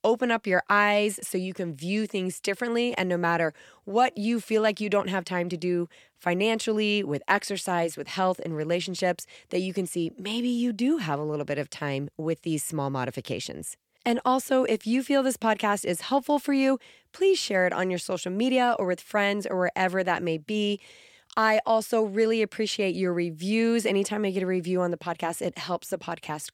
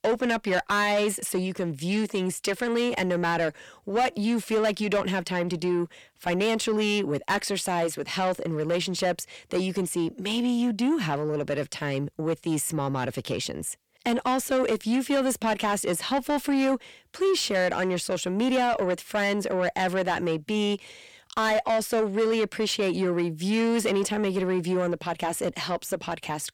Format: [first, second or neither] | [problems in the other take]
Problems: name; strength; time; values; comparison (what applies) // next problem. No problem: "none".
first | distortion; slight; 10 dB below the speech